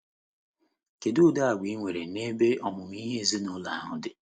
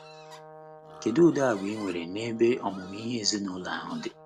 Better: first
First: none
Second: background sound (Brass instrument + Livestock, farm animals, working animals); 18 dB below the speech

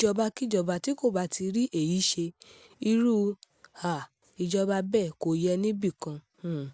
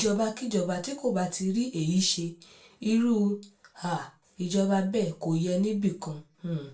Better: first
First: none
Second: room echo; dies away in 0.3 s

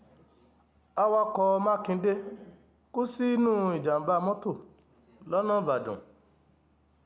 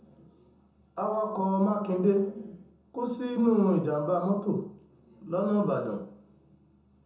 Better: first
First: none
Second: room echo; dies away in 0.5 s

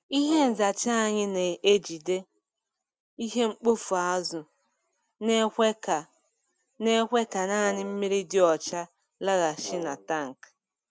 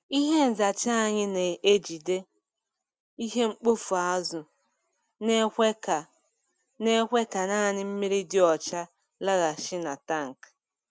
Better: second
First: background sound (Brass instrument); 16 dB below the speech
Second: none

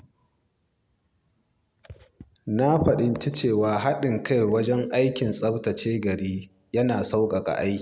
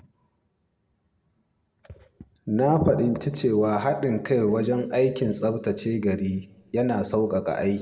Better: first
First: none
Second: room echo; dies away in 0.8 s

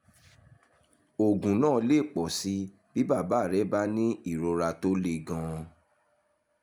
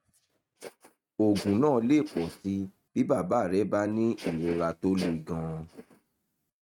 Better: first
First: none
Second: noise reduction (neural mask model RNNoise)

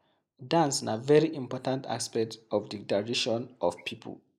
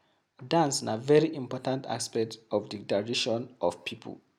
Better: second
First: noise reduction (neural mask model Resemble Enhance denoiser)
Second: none

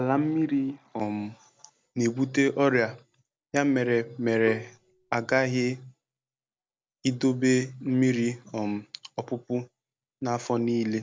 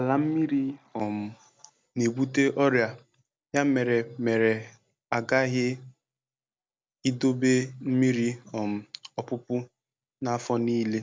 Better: second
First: background sound (Bowed string instrument); 15 dB below the speech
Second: none

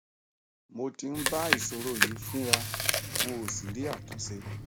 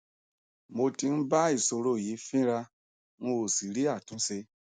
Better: second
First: background sound (Chewing, mastication); 5 dB above the speech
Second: none

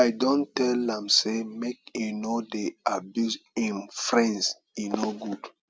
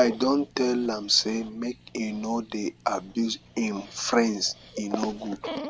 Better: first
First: none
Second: background sound (Dog); 16 dB below the speech

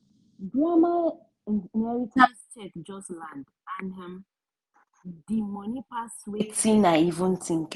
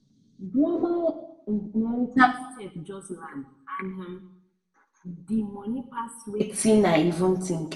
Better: first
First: none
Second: room echo; dies away in 0.5 s

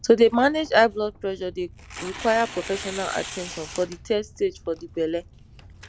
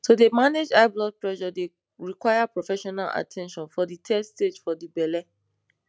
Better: second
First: background sound (Tearing); 16 dB below the speech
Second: none

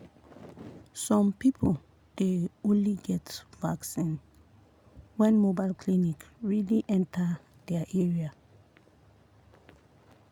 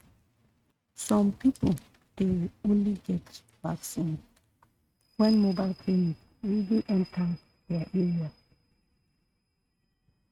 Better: first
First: none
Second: noise reduction (neural mask model RNNoise)

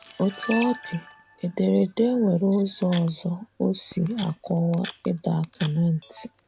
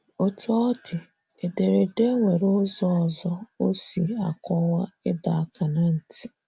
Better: second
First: background sound (Camera); 17 dB below the speech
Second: none

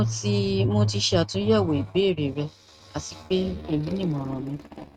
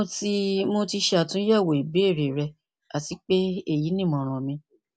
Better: second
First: noise reduction (neural mask model RNNoise)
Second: none

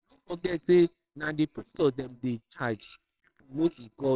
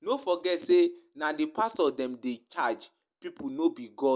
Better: second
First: noise reduction (neural separator model SepFormer WHAMR!)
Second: none

